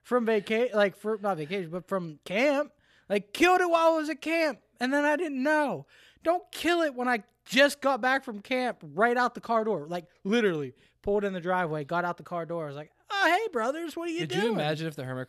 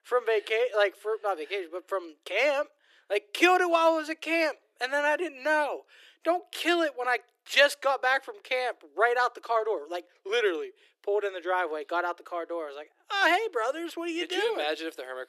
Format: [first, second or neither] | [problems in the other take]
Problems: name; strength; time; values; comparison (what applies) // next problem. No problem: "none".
first | thin; very; fading below 300 Hz